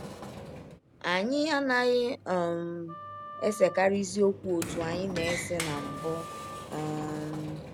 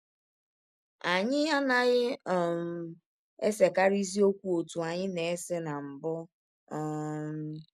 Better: second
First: background sound (Sliding door + Wind instrument, woodwind instrument); 10 dB below the speech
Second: none

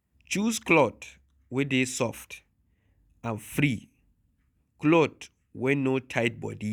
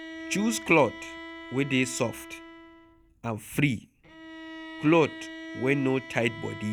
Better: first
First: none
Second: background sound (Bowed string instrument); 13 dB below the speech

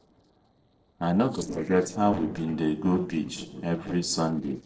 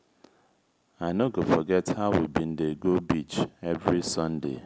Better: second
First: noise reduction (neural separator model SepFormer DNS4)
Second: none

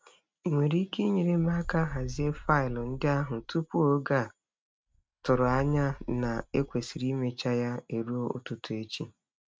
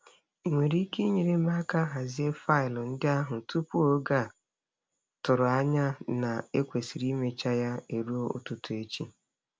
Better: second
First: noise reduction (neural mask model RNNoise)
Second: none

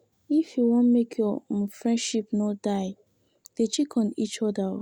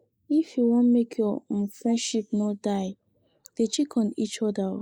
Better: first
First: none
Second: noise reduction (neural mask model Resemble Enhance denoiser)

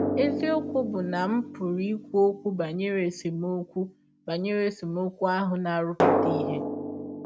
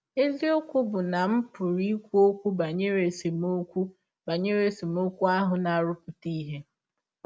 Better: second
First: background sound (Drum); 3 dB below the speech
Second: none

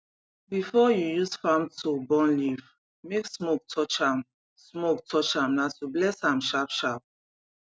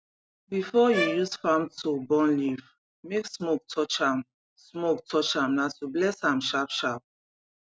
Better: first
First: none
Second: background sound (Bowed string instrument); 7 dB below the speech

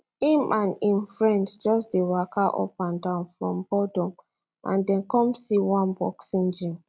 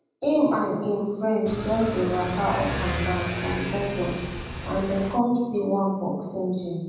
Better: first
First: none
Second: background sound (Motorcycle / Accelerating, revving, vroom); 5 dB below the speech // room echo; dies away in 1.2 s

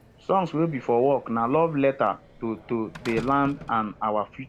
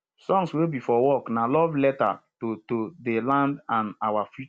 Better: second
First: background sound (Slam); 19 dB below the speech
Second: none

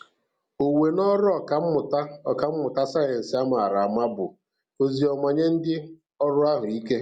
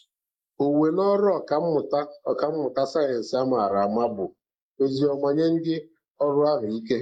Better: first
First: none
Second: noise reduction (neural mask model Resemble Enhance denoiser)

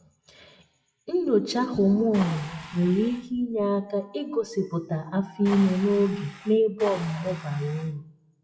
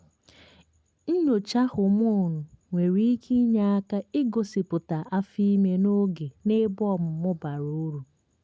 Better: second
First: noise reduction (classical method WPE with log-MMSE)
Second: none

